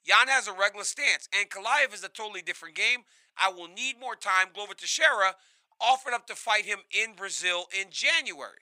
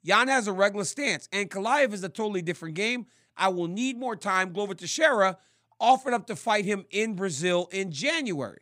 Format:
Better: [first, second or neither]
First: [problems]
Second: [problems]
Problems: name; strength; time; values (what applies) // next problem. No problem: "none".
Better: second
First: thin; very; fading below 900 Hz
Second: none